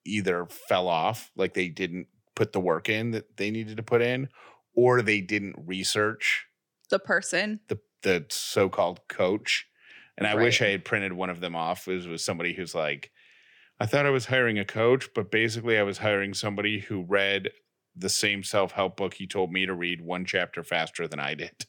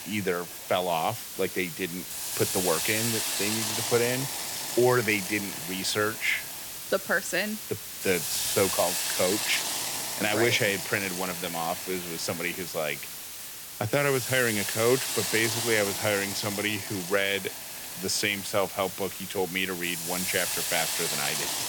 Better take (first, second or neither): first